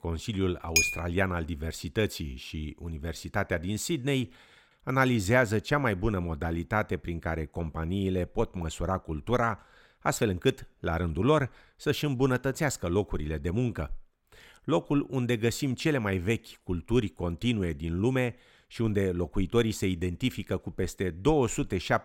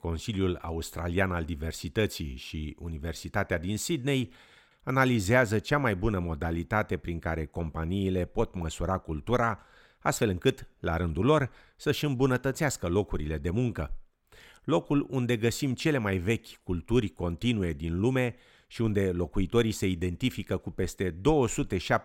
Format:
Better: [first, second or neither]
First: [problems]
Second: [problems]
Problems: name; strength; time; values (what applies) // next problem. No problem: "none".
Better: second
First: clattering dishes; loud; at 1 s; peak 5 dB above the speech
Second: none